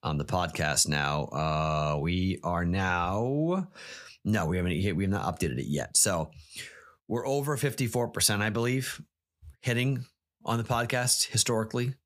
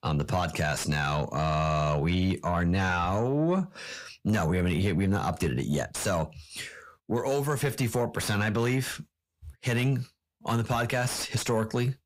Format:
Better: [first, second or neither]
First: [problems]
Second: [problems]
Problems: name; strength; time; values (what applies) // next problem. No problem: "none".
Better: first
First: none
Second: distortion; heavy; 7 dB below the speech